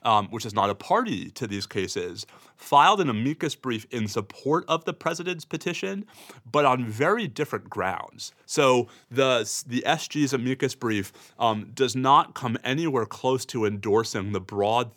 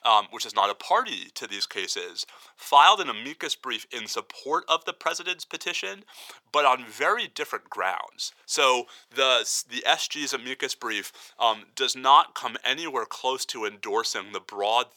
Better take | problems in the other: first | thin; very; fading below 650 Hz

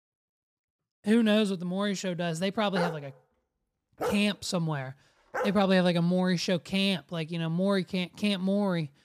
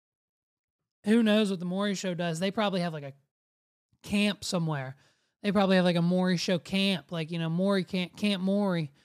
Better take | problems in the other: second | dog barking; noticeable; from 3 to 5.5 s; peak 6 dB below the speech

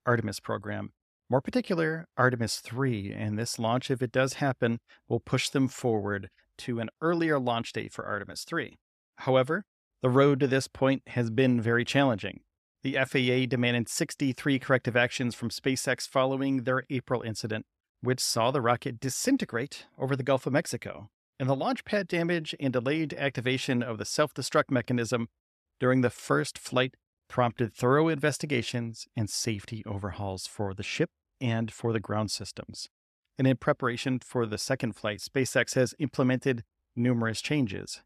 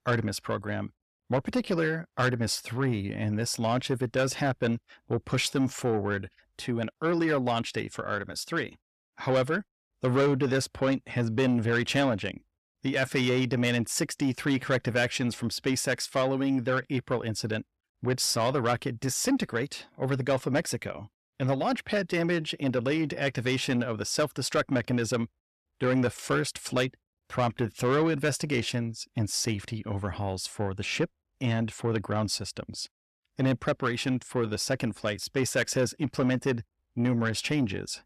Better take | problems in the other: first | distortion; slight; 10 dB below the speech

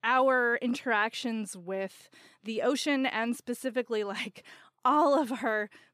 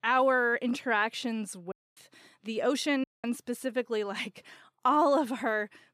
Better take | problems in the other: first | audio cutting out; at 1.5 s and at 3 s

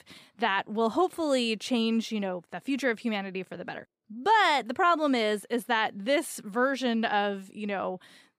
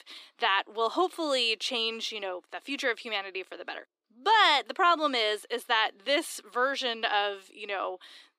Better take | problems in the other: first | thin; somewhat; fading below 300 Hz

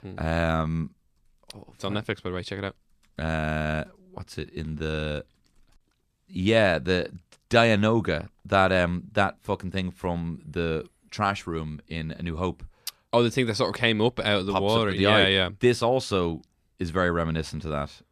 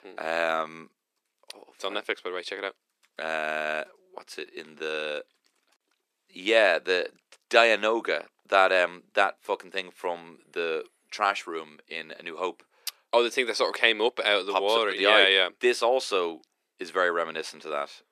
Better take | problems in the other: first | thin; very; fading below 350 Hz

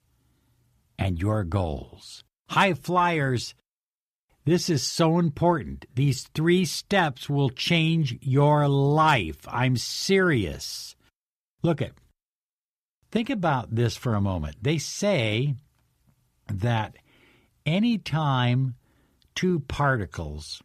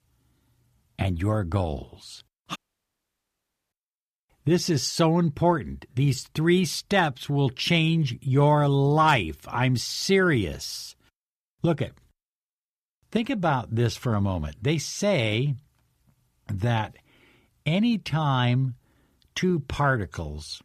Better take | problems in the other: first | audio cutting out; at 2.5 s for 1 s

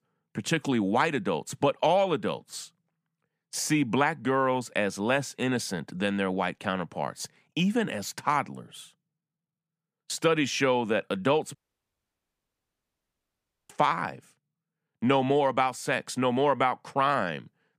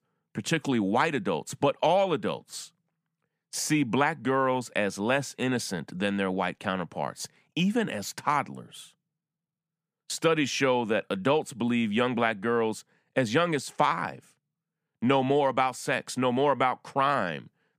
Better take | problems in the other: second | audio cutting out; at 12 s for 2 s

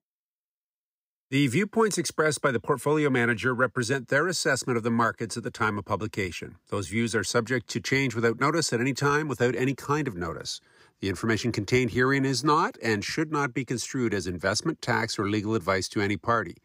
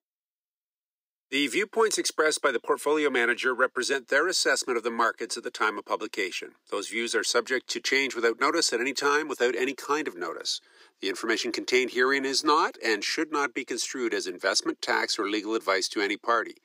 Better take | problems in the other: first | thin; somewhat; fading below 350 Hz

